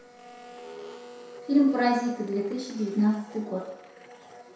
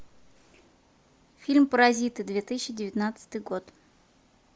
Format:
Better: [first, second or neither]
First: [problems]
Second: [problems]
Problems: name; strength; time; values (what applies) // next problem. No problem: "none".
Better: second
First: background sound (Domestic sounds, home sounds); 17 dB below the speech // room echo; dies away in 0.7 s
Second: none